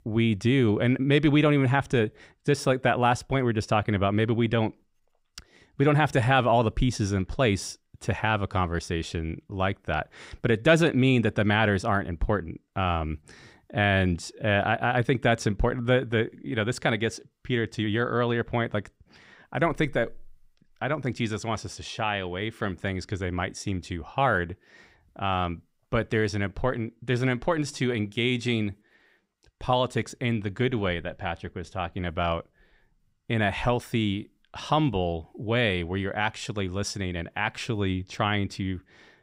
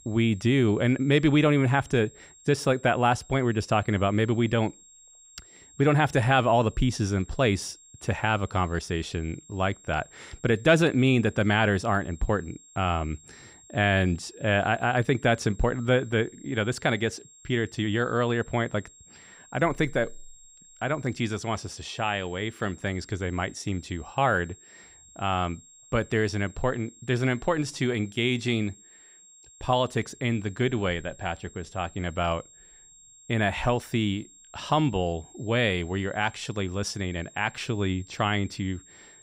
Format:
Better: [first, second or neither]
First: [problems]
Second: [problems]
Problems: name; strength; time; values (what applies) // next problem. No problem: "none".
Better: first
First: none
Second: high-pitched whine; faint; throughout; 7.5 kHz, 25 dB below the speech